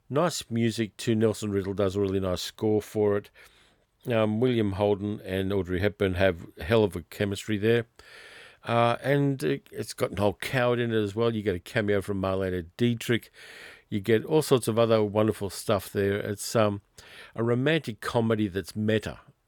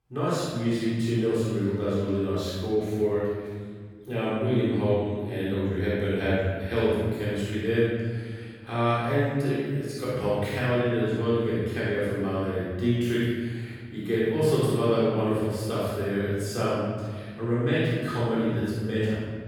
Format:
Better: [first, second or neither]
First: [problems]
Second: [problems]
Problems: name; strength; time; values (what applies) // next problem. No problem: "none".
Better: first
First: none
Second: off-mic speech; far // room echo; strong; dies away in 1.9 s